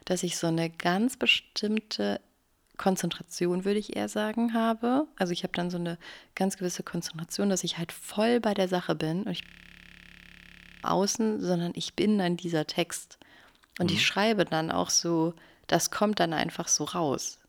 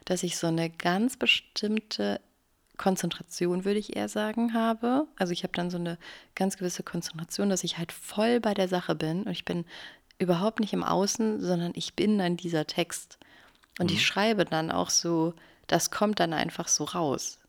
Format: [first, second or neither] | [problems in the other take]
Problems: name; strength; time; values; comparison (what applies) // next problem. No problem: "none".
second | audio freezing; at 9.5 s for 1.5 s